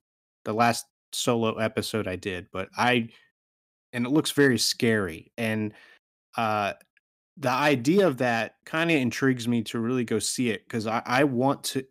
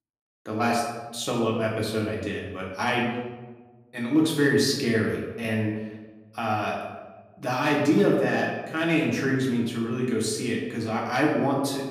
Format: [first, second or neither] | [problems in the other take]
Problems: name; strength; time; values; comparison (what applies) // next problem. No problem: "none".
first | room echo; noticeable; dies away in 1.1 s // off-mic speech; far